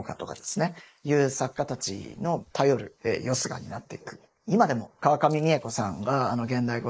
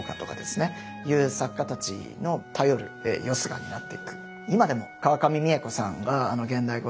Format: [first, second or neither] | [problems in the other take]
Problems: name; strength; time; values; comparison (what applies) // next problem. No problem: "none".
second | noise reduction (neural mask model Resemble Enhance denoiser)